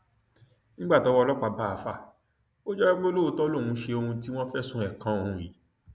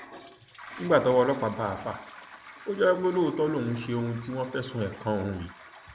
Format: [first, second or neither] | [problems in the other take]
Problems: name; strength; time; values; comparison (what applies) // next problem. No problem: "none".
first | background sound (Toilet flush); 18 dB below the speech